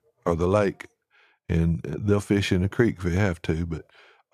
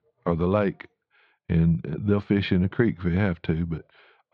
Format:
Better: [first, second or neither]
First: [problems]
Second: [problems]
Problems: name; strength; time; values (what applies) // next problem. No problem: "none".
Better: first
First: none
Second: muffled; slightly; fading above 4 kHz